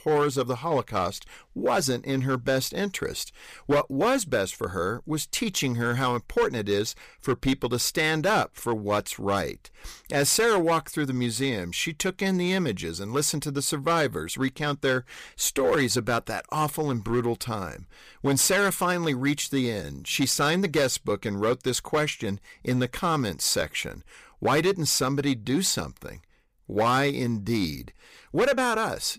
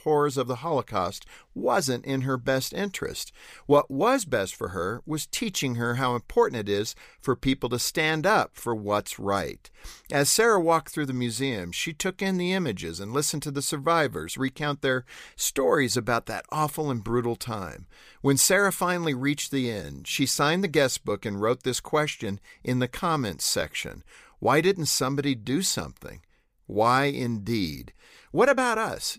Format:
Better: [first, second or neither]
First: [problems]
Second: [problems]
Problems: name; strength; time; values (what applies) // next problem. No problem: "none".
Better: second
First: distortion; slight; 5% of the sound clipped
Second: none